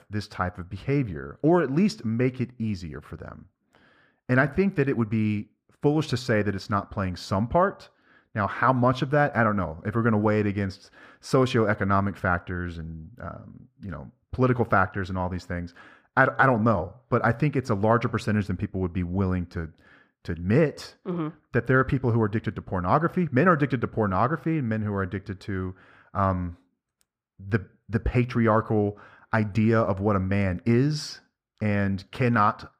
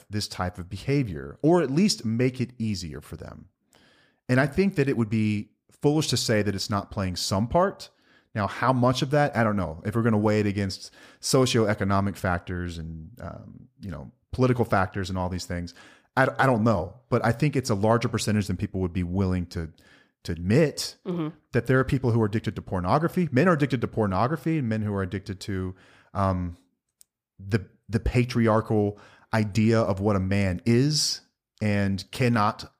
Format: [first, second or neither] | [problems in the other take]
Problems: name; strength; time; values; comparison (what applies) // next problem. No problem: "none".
second | muffled; slightly; fading above 4 kHz